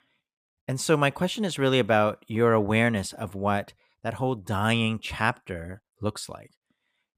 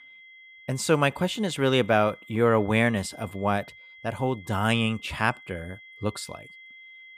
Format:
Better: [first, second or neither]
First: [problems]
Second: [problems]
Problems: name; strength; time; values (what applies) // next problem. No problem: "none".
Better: first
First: none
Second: high-pitched whine; faint; throughout; 2 kHz, 20 dB below the speech